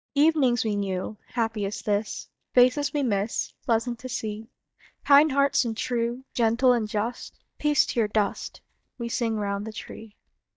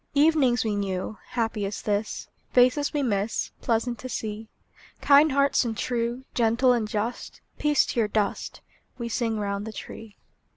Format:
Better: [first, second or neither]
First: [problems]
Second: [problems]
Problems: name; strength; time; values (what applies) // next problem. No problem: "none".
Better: second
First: noise reduction (neural mask model DeepFilterNet 3)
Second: none